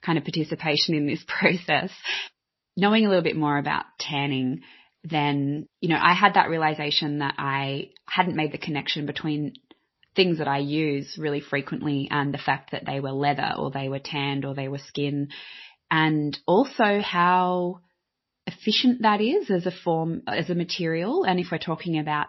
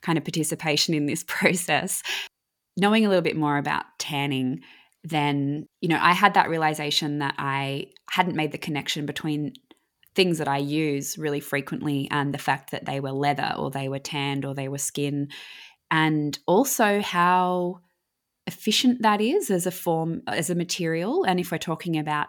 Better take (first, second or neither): second